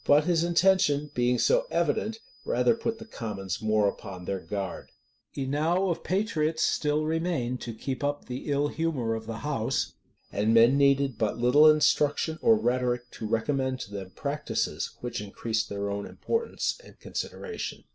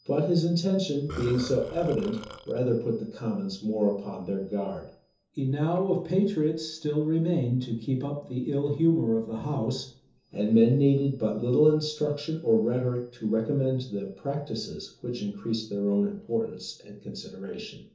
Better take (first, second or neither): first